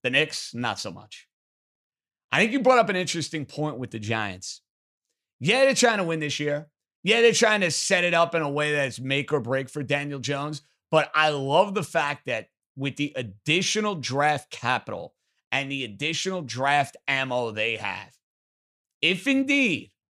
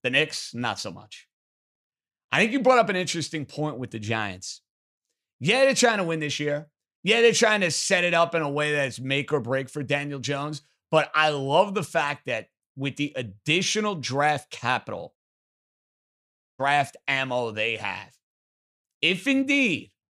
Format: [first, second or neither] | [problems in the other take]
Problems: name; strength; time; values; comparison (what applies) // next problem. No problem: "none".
first | audio cutting out; at 15 s for 1.5 s